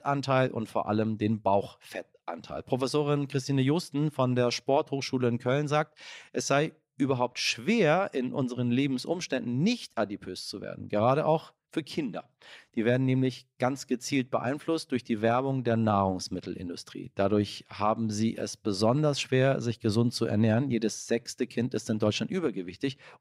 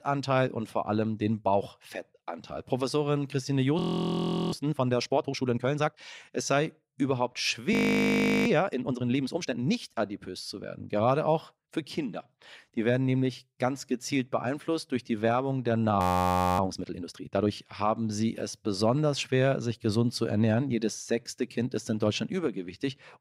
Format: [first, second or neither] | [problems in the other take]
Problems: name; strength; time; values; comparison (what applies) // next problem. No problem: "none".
first | audio freezing; at 4 s for 0.5 s, at 7.5 s for 0.5 s and at 16 s for 0.5 s